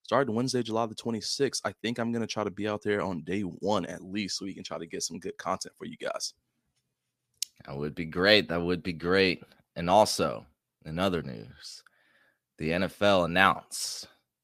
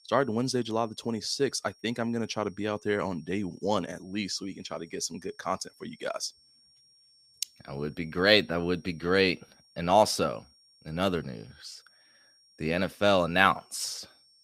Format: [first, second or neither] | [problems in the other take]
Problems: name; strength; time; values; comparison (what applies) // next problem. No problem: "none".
first | high-pitched whine; faint; throughout; 5.5 kHz, 30 dB below the speech